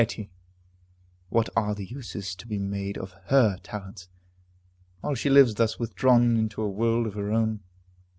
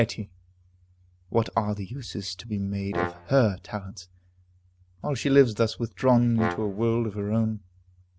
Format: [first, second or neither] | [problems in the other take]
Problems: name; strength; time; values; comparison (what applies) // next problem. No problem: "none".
first | background sound (Brass instrument); 9 dB below the speech